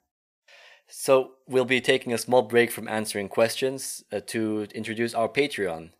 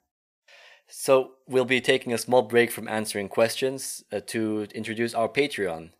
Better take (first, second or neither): neither